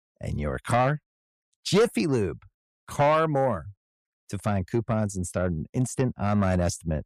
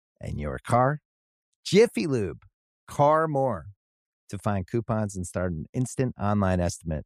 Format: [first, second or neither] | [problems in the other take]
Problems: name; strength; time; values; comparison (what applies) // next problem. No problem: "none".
second | distortion; slight; 10 dB below the speech